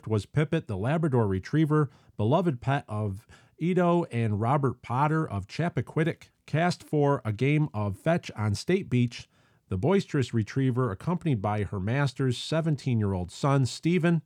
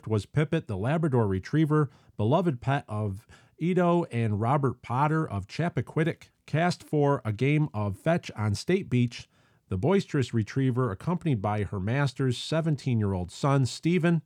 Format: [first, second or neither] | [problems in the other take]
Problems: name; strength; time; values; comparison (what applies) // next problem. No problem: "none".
neither | none